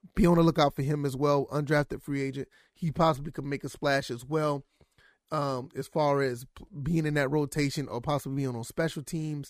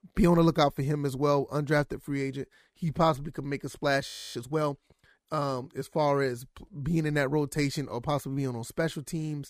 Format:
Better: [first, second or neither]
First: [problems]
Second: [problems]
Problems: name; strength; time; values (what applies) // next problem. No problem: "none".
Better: first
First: none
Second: audio freezing; at 4 s